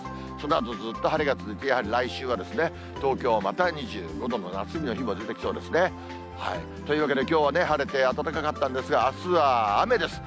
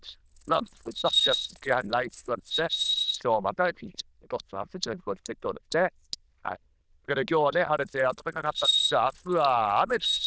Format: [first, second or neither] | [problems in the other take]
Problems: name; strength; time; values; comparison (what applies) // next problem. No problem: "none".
first | noise reduction (neural diffusion model UNIVERSE++)